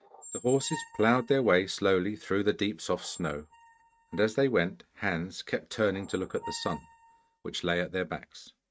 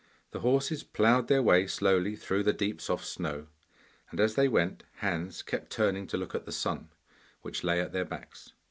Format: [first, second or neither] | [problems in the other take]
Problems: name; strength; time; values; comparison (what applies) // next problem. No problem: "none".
second | noise reduction (neural mask model RNNoise)